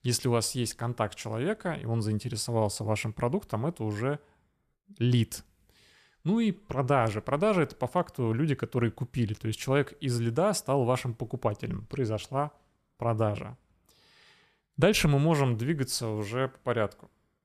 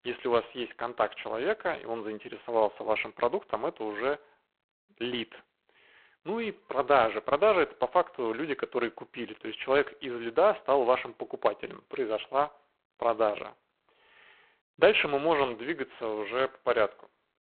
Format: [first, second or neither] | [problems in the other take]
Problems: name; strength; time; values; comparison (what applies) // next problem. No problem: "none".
first | phone-call audio; poor line